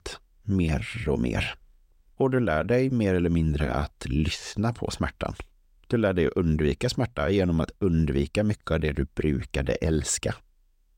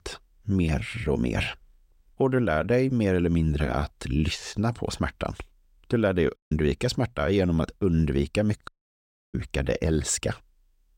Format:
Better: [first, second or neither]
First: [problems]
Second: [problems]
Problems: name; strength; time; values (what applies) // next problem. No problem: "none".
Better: first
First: none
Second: audio cutting out; at 6.5 s and at 8.5 s for 0.5 s